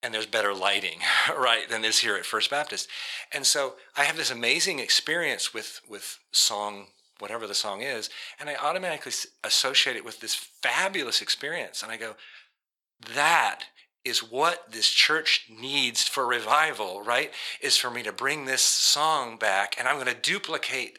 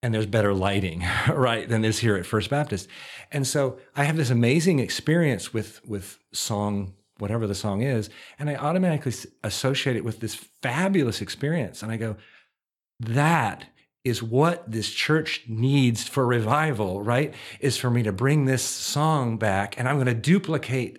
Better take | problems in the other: second | thin; very; fading below 750 Hz

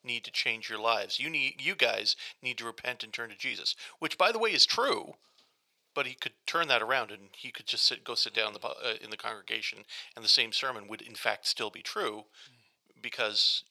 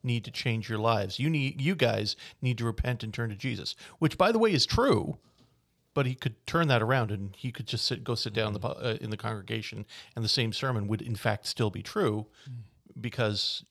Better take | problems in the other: second | thin; very; fading below 550 Hz

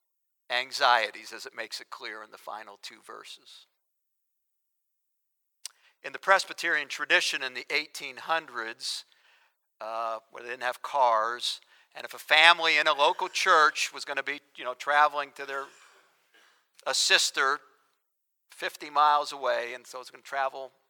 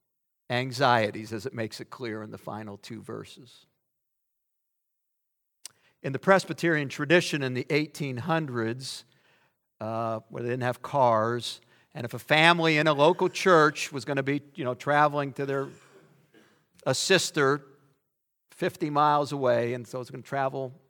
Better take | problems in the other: second | thin; very; fading below 900 Hz

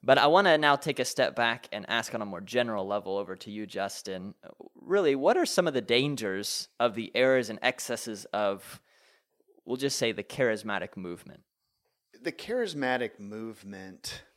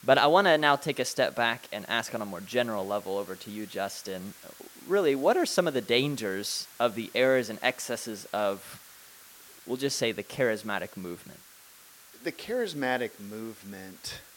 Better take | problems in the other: first | hiss; faint; throughout; 20 dB below the speech

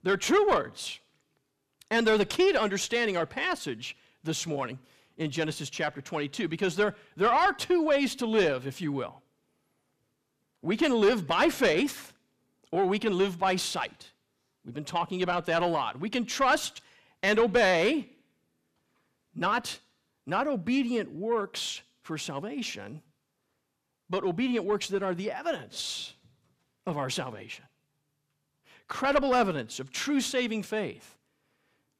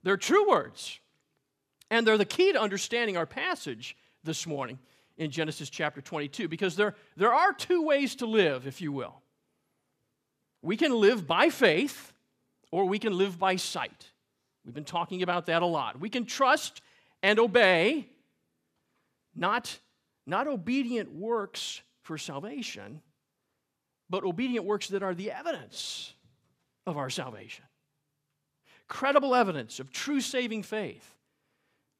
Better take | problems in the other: second | distortion; slight; 10 dB below the speech

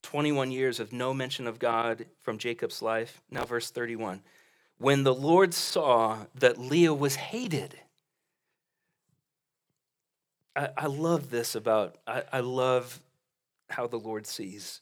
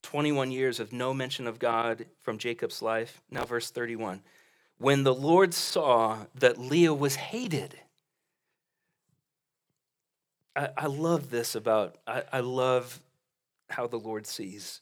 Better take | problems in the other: neither | none

